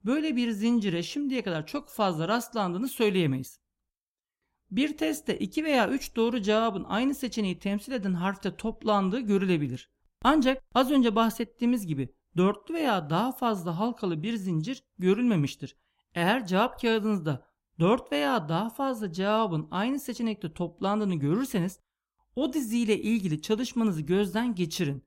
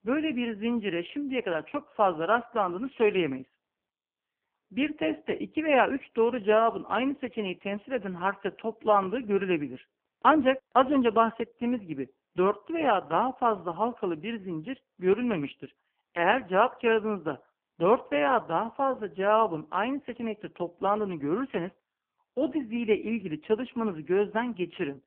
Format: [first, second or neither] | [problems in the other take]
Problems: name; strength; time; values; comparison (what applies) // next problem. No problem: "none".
first | phone-call audio; poor line; nothing above 3 kHz